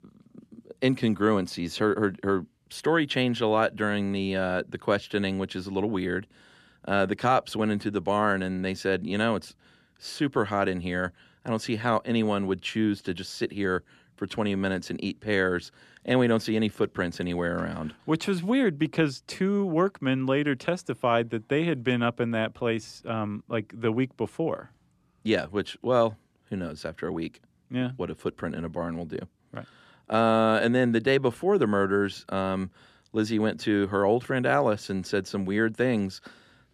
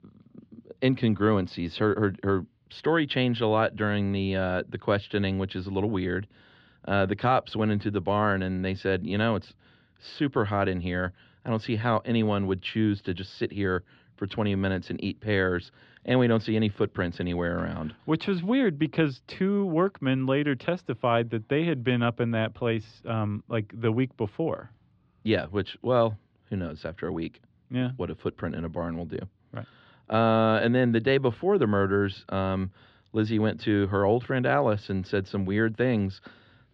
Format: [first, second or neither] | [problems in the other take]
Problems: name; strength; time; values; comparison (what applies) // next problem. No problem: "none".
first | muffled; very slightly; fading above 4 kHz